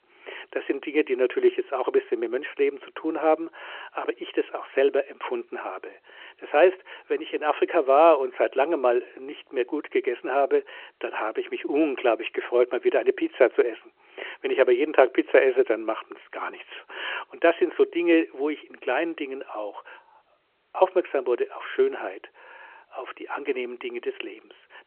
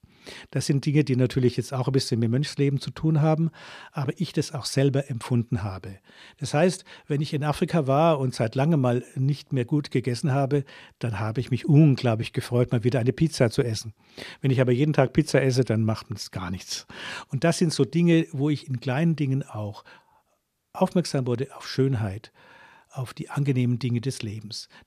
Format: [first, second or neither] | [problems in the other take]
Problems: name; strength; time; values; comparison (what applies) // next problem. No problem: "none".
second | phone-call audio